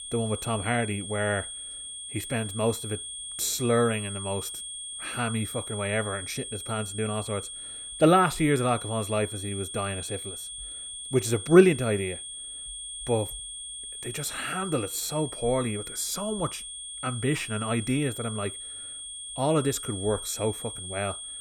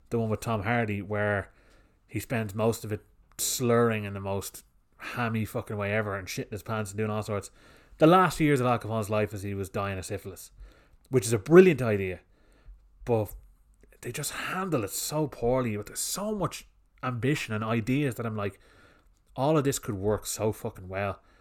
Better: second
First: high-pitched whine; loud; throughout; 3.5 kHz, 8 dB below the speech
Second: none

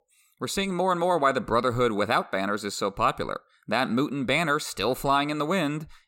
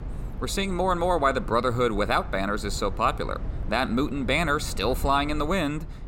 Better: first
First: none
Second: low rumble; faint; throughout; 20 dB below the speech

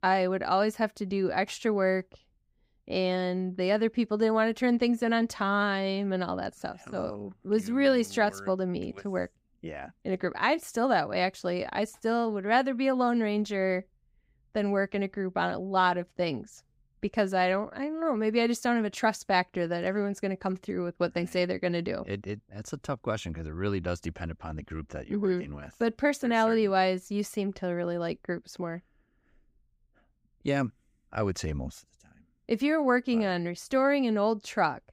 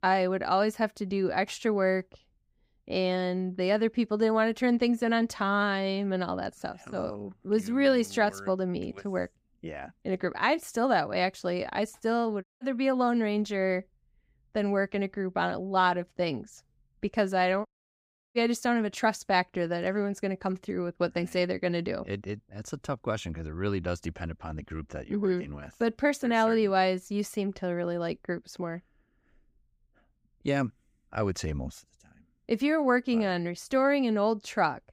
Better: first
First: none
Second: audio cutting out; at 12 s and at 18 s for 0.5 s

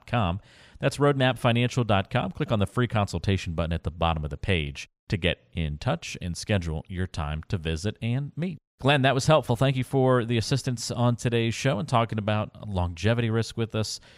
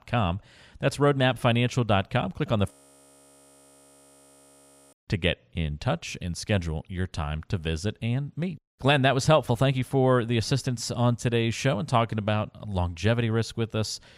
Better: first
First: none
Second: audio freezing; at 2.5 s for 2 s

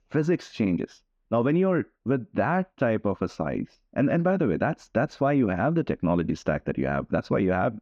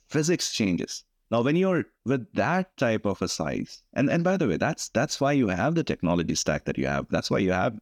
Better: second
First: muffled; very; fading above 3.5 kHz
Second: none

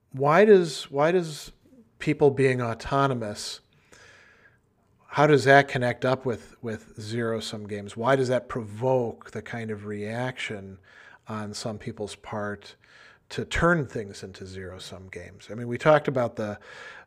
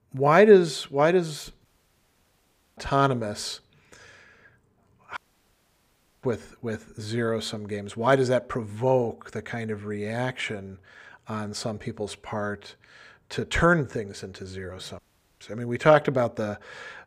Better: first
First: none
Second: audio cutting out; at 1.5 s for 1 s, at 5 s for 1 s and at 15 s

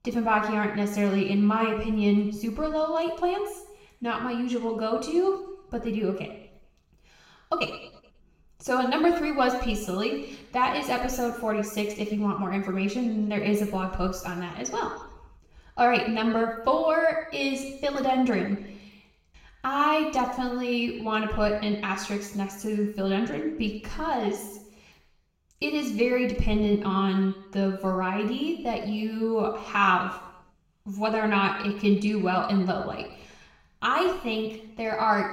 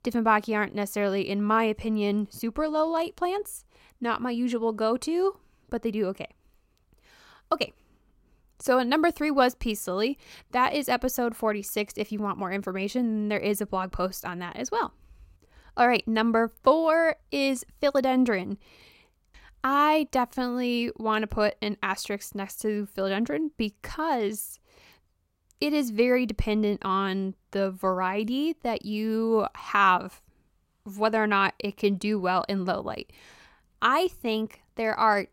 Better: second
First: room echo; noticeable; dies away in 0.8 s // off-mic speech; far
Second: none

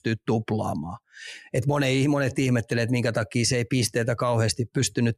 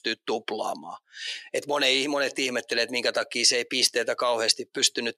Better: first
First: none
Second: thin; somewhat; fading below 400 Hz

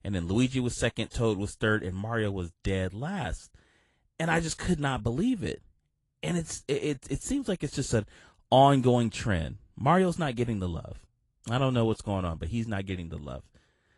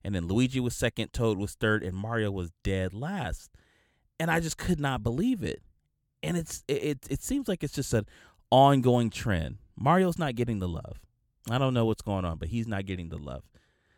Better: second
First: garbled, watery; slightly; nothing above 11 kHz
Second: none

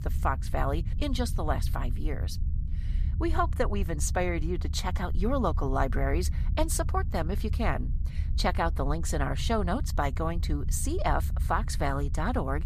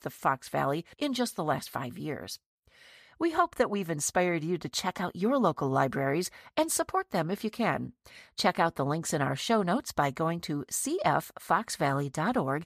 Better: second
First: low rumble; noticeable; throughout; 20 dB below the speech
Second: none

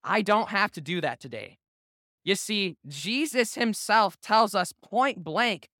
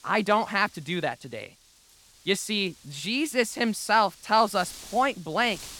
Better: first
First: none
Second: wind noise on the microphone; occasional gusts; 25 dB below the speech

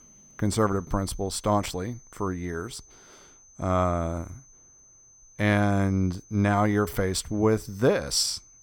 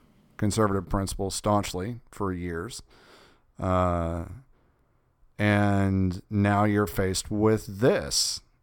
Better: second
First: high-pitched whine; faint; throughout; 6 kHz, 25 dB below the speech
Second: none

